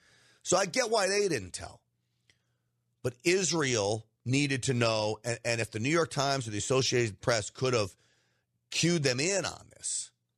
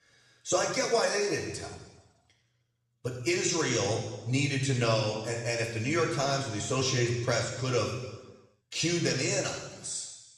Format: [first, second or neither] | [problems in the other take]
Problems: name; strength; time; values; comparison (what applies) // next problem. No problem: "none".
first | room echo; noticeable; dies away in 1.1 s // off-mic speech; far